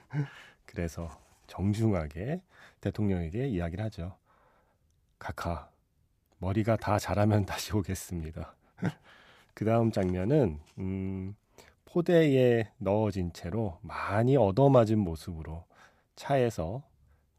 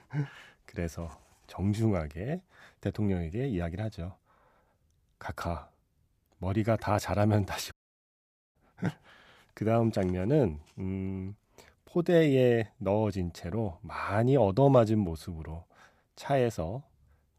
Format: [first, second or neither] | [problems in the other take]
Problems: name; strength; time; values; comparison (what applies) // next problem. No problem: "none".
first | audio cutting out; at 7.5 s for 1 s